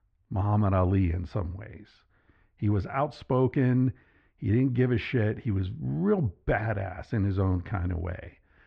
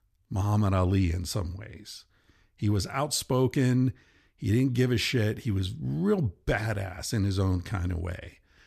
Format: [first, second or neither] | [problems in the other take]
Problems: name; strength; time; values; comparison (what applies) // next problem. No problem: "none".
second | muffled; very; fading above 2 kHz